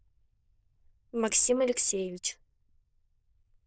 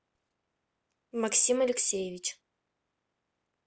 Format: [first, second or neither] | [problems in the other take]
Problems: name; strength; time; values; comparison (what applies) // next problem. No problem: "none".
second | noise reduction (neural diffusion model UNIVERSE++)